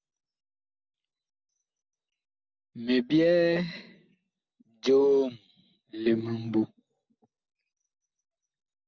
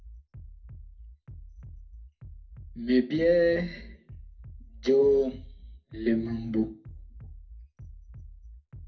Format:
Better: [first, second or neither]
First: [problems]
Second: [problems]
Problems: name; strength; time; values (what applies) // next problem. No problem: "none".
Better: first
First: none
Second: background sound (Bass drum); 16 dB below the speech // room echo; dies away in 0.3 s